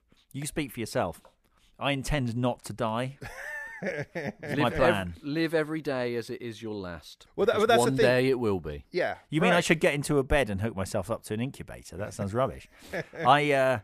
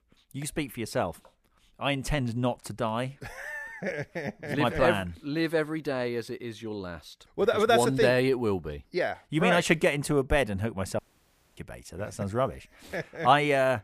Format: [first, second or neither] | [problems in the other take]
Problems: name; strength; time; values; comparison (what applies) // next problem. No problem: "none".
first | audio cutting out; at 11 s for 0.5 s